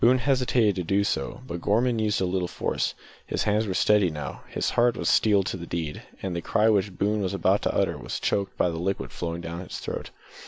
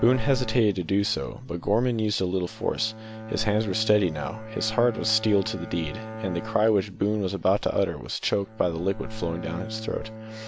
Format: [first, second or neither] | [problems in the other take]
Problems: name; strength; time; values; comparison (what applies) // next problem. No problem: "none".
first | background sound (Bowed string instrument); 13 dB below the speech